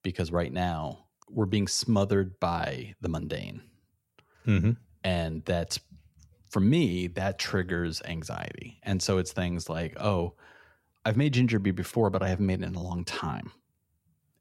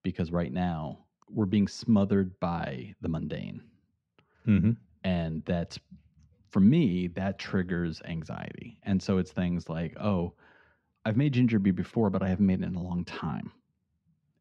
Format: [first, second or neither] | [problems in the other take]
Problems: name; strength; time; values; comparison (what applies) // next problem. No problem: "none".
first | muffled; slightly; fading above 3.5 kHz